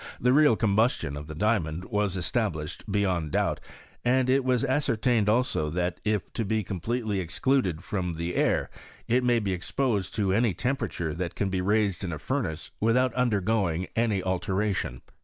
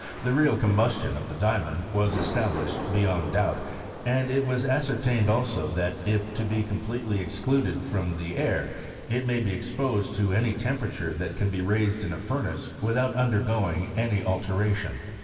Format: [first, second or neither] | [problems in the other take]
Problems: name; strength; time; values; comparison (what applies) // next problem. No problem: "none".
first | background sound (Thunder / Rain); 14 dB below the speech // room echo; dies away in 2.4 s